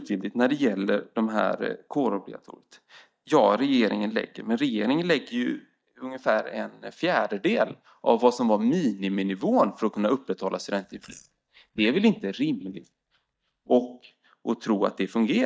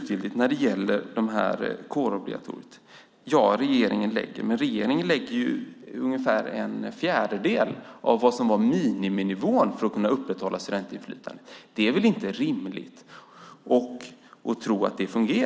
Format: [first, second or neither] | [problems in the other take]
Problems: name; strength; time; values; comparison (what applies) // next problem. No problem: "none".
second | noise reduction (neural mask model DeepFilterNet 3)